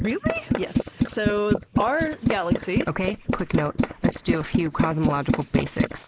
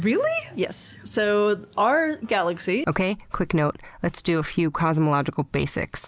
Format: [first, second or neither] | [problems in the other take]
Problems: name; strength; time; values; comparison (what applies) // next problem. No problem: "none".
second | noise reduction (neural mask model Resemble Enhance denoiser)